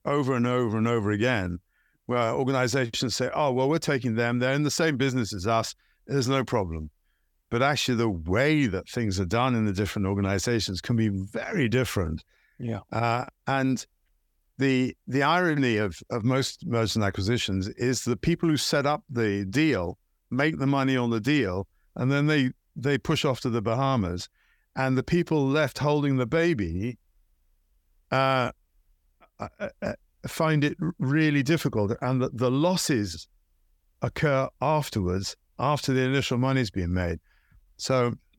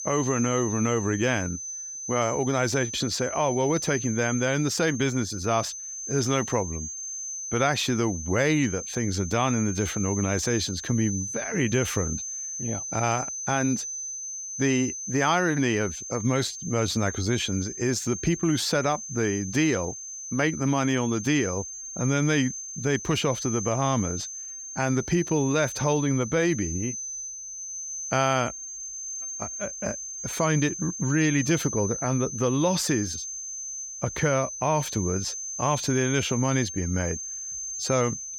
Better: first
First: none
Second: high-pitched whine; loud; throughout; 6.5 kHz, 7 dB below the speech

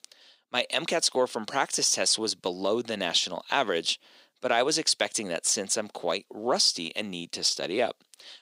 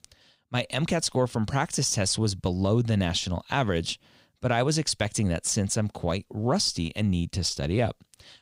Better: second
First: thin; somewhat; fading below 350 Hz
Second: none

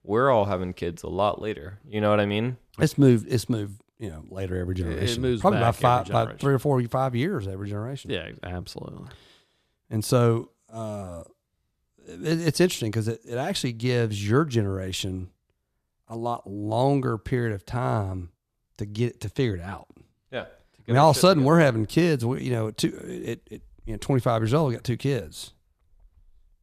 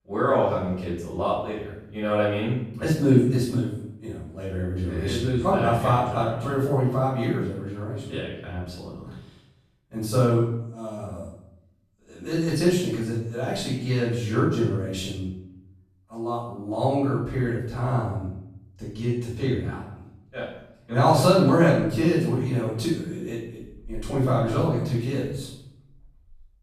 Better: first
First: none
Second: off-mic speech; far // room echo; noticeable; dies away in 0.7 s

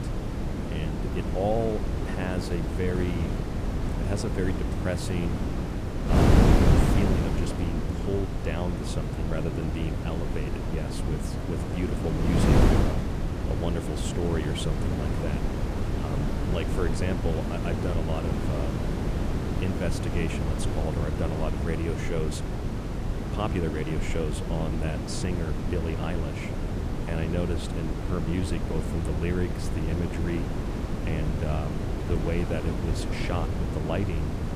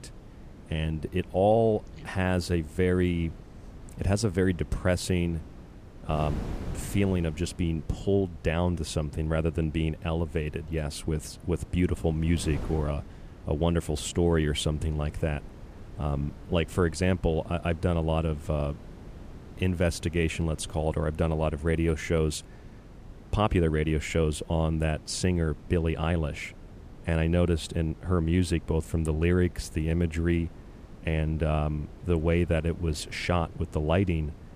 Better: second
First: wind noise on the microphone; heavy; 1 dB above the speech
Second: wind noise on the microphone; occasional gusts; 20 dB below the speech

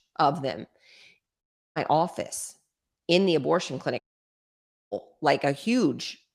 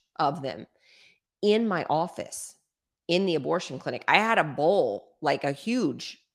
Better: second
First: audio cutting out; at 1.5 s and at 4 s for 1 s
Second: none

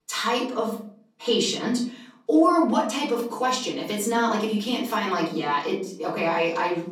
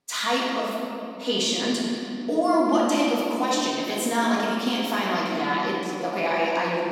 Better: first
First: room echo; slight; dies away in 0.6 s // off-mic speech; far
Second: room echo; strong; dies away in 2.5 s // off-mic speech; far

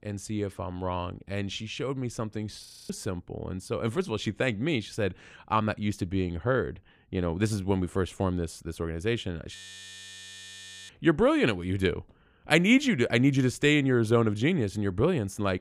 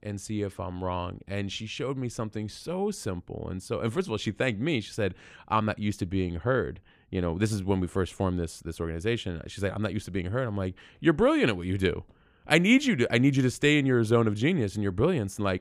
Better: second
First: audio freezing; at 2.5 s and at 9.5 s for 1.5 s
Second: none

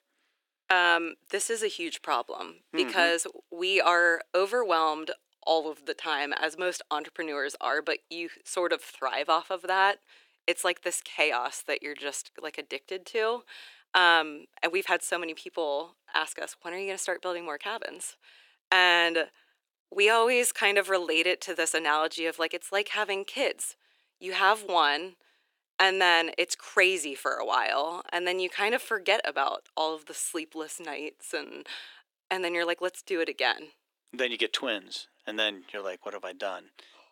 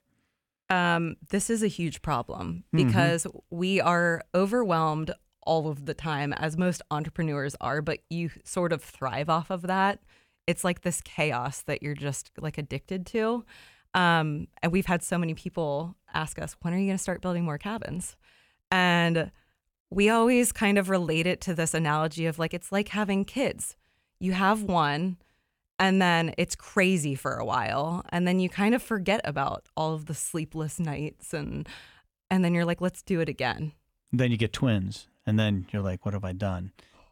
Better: second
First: thin; very; fading below 350 Hz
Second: none

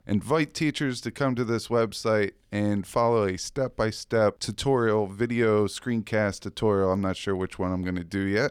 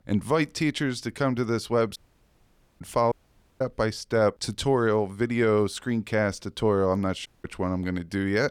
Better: first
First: none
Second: audio cutting out; at 2 s for 1 s, at 3 s and at 7.5 s

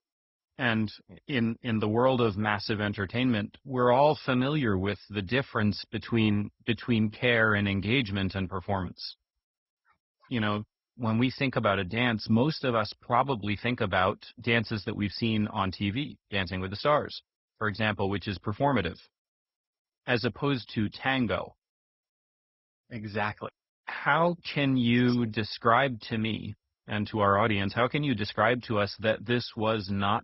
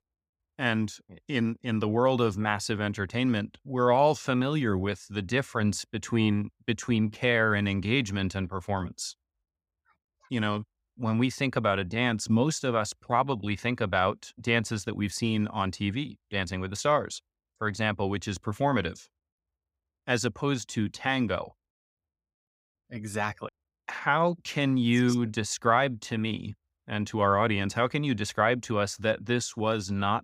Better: second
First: garbled, watery; badly; nothing above 5.5 kHz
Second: none

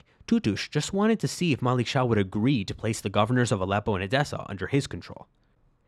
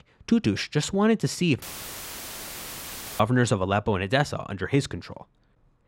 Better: first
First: none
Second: audio cutting out; filled with static; at 1.5 s for 1.5 s

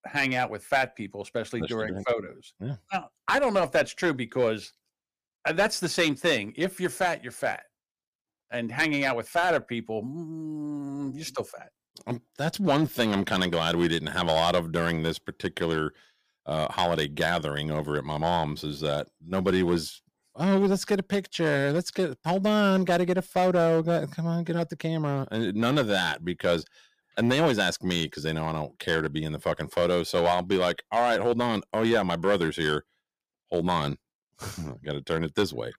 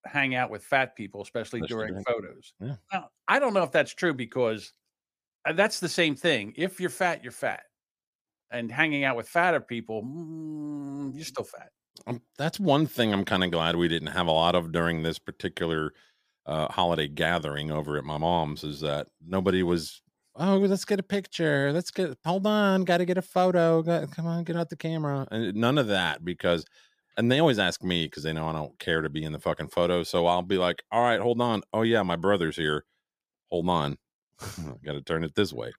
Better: second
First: distortion; slight; 3% of the sound clipped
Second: none

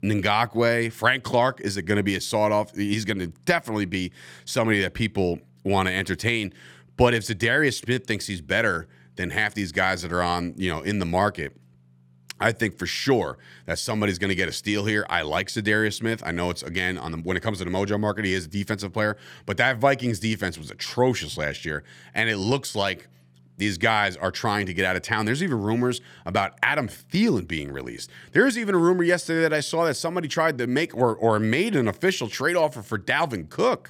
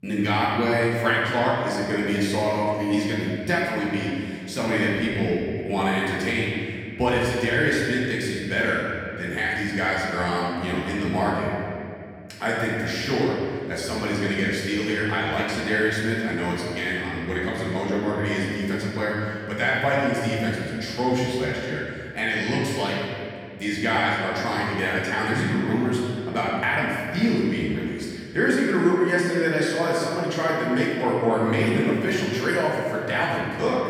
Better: first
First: none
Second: room echo; strong; dies away in 2.1 s // off-mic speech; far

